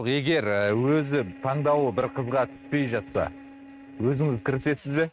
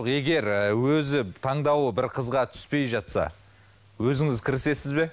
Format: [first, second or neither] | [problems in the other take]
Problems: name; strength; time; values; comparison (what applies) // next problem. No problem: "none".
second | noise reduction (neural mask model RNNoise)